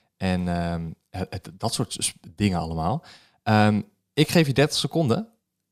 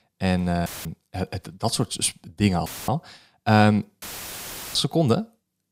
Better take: first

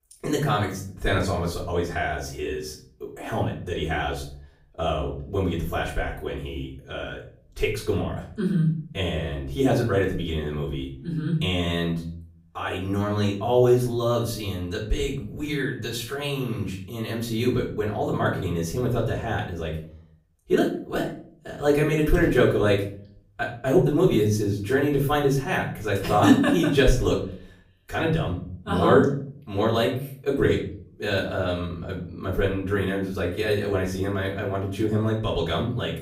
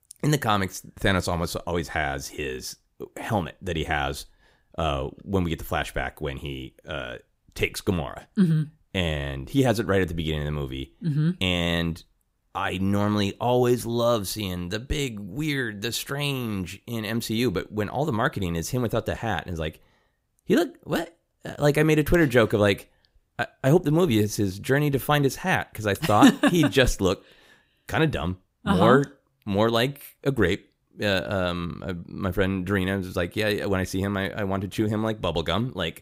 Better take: second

